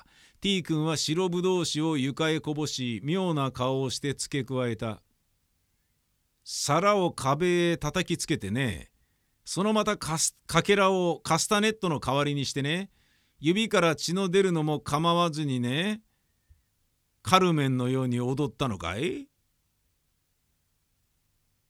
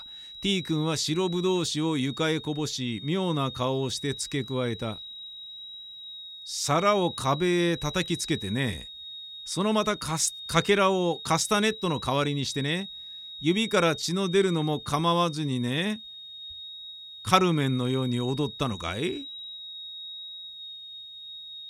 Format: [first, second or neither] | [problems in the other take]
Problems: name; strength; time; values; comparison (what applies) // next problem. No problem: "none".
first | high-pitched whine; noticeable; throughout; 3.5 kHz, 10 dB below the speech